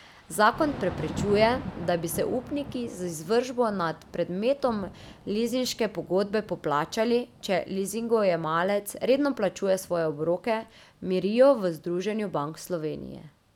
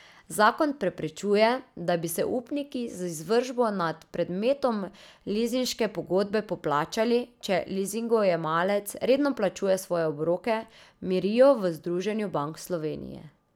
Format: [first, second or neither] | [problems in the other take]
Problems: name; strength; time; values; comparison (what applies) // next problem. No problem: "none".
second | background sound (Thunder / Rain); 16 dB below the speech